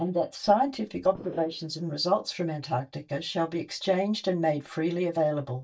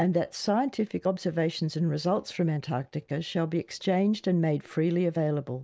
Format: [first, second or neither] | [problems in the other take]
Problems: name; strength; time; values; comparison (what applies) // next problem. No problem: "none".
second | noise reduction (neural mask model DeepFilterNet 3)